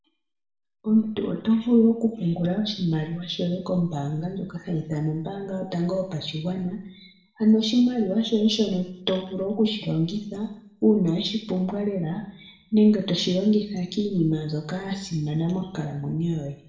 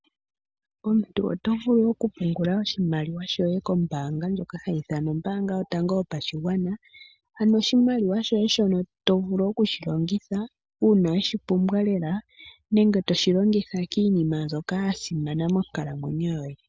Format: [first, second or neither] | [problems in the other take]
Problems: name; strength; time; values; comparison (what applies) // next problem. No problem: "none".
second | room echo; dies away in 0.6 s